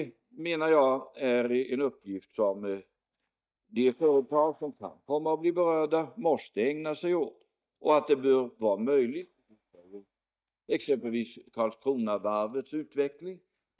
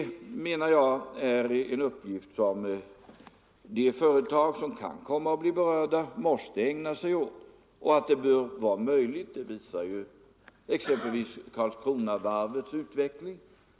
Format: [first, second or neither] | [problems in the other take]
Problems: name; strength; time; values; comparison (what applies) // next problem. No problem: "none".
second | noise reduction (neural mask model DeepFilterNet 3)